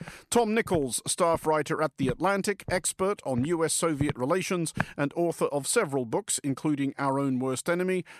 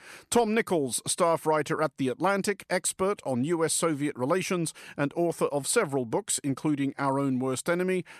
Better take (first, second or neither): second